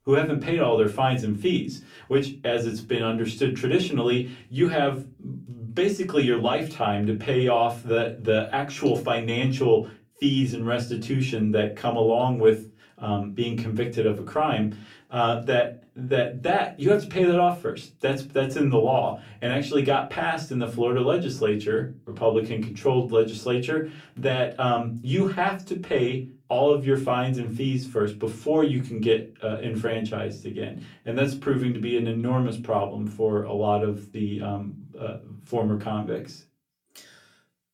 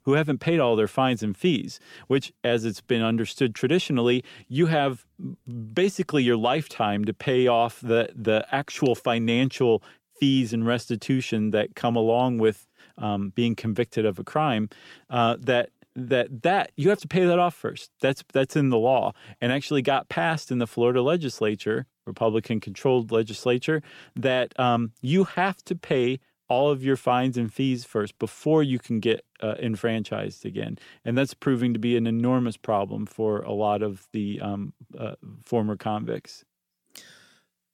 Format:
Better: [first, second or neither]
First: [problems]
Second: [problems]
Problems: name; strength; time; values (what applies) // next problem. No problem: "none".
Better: second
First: off-mic speech; far // room echo; very slight; dies away in 0.3 s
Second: none